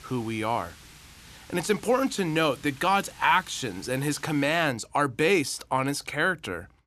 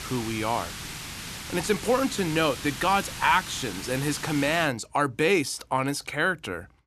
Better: first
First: hiss; faint; until 4.5 s; 20 dB below the speech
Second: hiss; loud; until 4.5 s; 10 dB below the speech

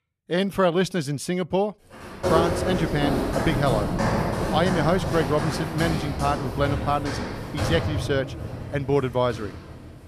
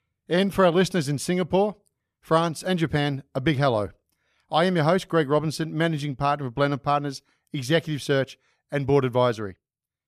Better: second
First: footsteps; loud; from 2 s on; peak 2 dB above the speech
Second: none

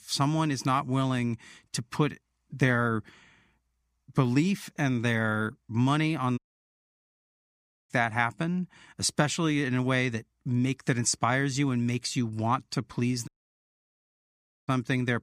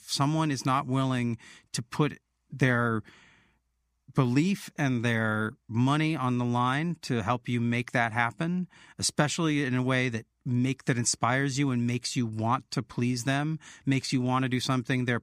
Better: second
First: audio cutting out; at 6.5 s for 1.5 s and at 13 s for 1.5 s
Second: none

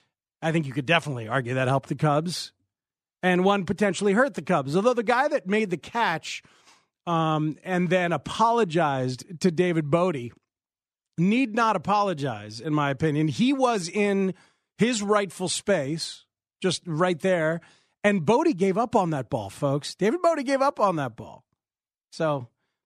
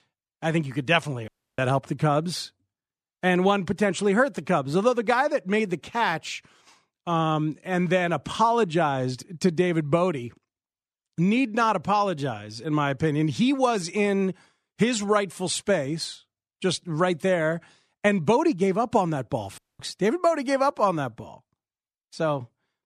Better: first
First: none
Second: audio cutting out; at 1.5 s and at 20 s

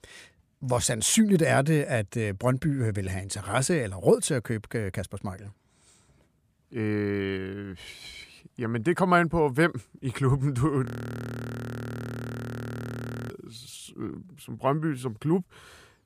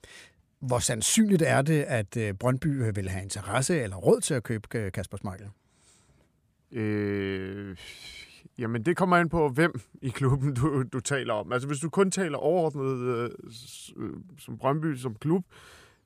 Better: second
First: audio freezing; at 11 s for 2.5 s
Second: none

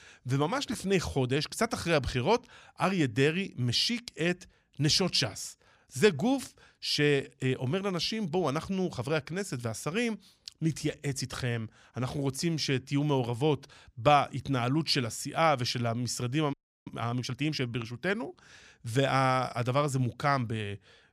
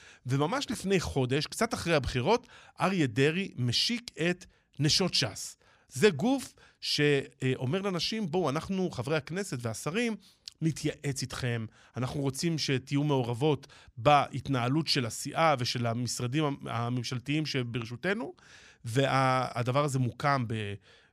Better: second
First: audio freezing; at 17 s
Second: none

